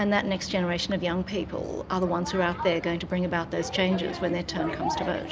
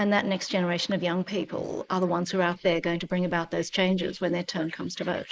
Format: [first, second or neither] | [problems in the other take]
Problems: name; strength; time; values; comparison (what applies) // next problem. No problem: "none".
first | noise reduction (neural mask model Resemble Enhance denoiser)